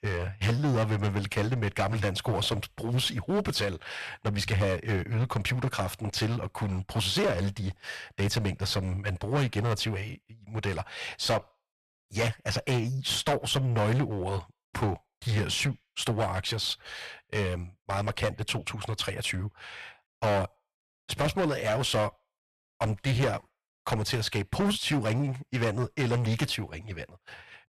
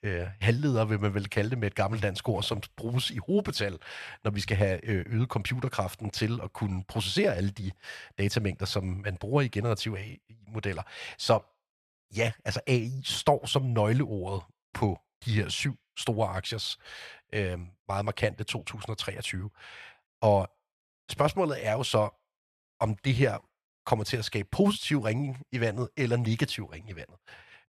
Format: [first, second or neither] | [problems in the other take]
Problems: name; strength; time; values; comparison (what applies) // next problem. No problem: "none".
second | distortion; heavy; 12% of the sound clipped